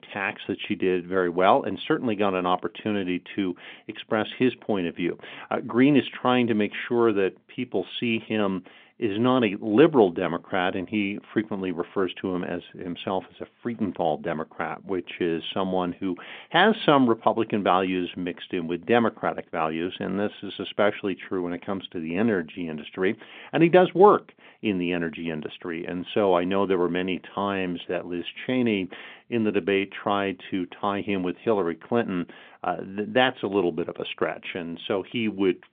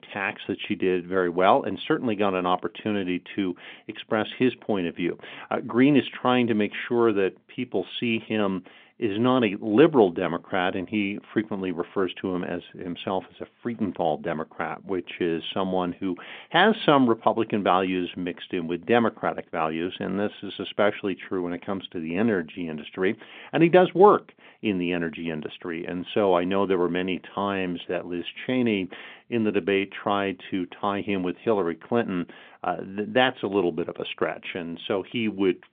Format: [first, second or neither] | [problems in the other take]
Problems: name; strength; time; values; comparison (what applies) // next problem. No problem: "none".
neither | phone-call audio; nothing above 3.5 kHz; the same in both